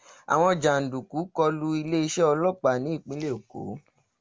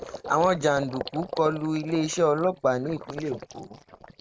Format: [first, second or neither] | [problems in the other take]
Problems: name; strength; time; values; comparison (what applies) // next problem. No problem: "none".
first | noise reduction (neural mask model RNNoise)